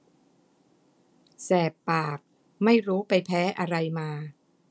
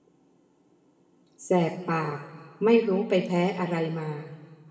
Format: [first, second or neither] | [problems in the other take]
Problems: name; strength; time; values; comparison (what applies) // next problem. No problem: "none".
first | room echo; dies away in 1.7 s